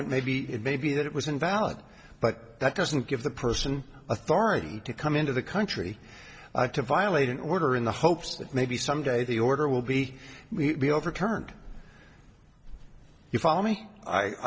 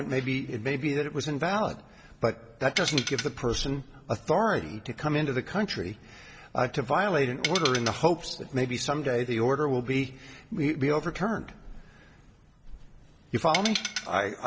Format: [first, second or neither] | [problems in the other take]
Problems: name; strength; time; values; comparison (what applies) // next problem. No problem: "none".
first | background sound (Tools); 4 dB below the speech